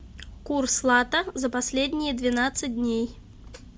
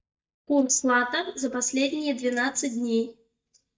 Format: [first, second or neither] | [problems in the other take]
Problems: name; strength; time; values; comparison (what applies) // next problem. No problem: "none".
first | noise reduction (neural mask model DeepFilterNet 3)